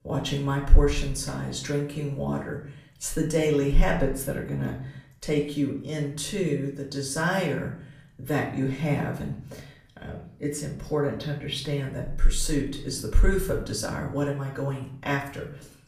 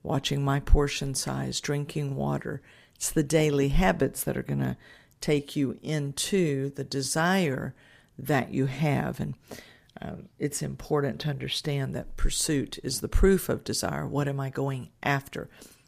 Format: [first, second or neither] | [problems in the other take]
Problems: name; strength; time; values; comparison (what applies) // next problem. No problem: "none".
second | off-mic speech; far // room echo; slight; dies away in 0.5 s